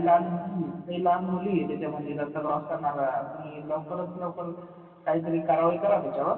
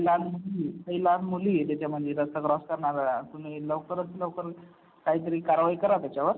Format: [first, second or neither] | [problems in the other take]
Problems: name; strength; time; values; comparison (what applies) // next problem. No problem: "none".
second | room echo; dies away in 2.9 s